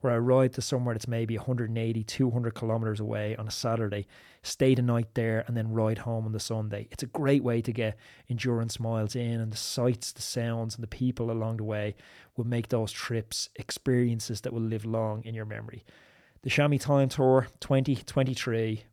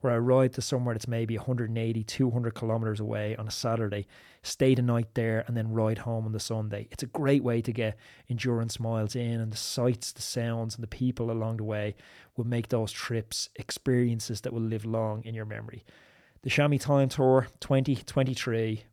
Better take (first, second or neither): neither